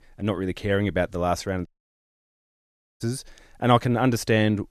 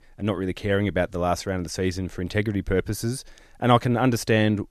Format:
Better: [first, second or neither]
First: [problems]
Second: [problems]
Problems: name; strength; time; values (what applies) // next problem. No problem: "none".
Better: second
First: audio cutting out; at 1.5 s for 1.5 s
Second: none